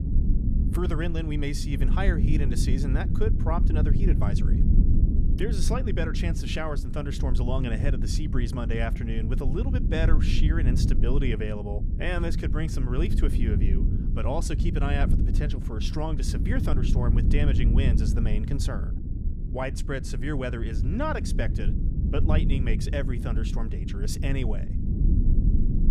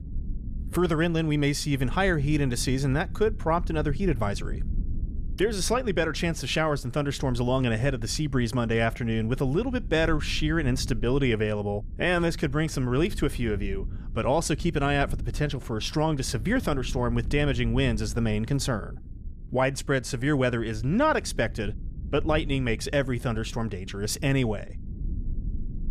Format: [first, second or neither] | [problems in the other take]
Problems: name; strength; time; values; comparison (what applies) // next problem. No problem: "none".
second | low rumble; loud; throughout; 6 dB below the speech; faint in the second